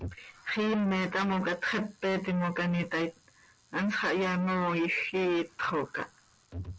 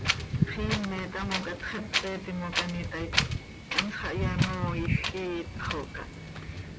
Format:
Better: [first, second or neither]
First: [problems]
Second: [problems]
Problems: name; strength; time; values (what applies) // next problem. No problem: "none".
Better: first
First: none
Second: background sound (Wind); 4 dB above the speech